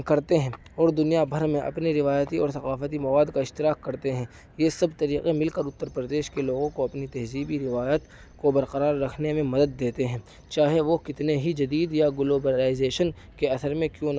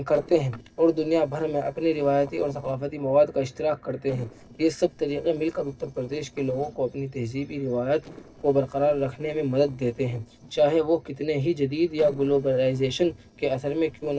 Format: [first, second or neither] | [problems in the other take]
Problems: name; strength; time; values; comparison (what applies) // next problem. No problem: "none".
first | noise reduction (neural separator model SepFormer DNS4)